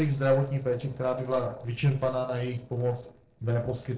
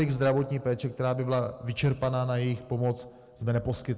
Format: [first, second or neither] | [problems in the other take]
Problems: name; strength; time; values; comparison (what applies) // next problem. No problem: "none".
second | noise reduction (neural separator model SepFormer DNS4)